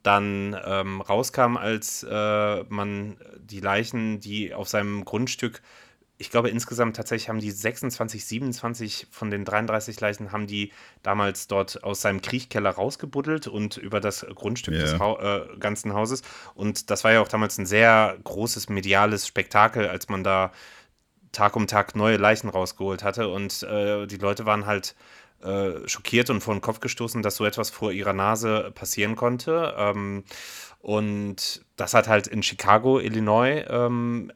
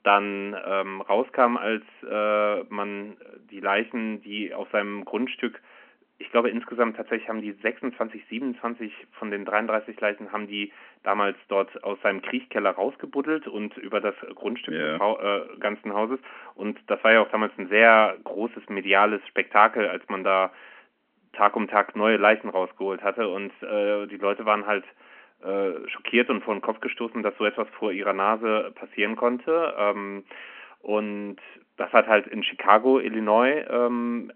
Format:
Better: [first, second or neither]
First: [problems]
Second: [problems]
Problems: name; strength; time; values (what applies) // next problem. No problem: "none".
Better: first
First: none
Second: phone-call audio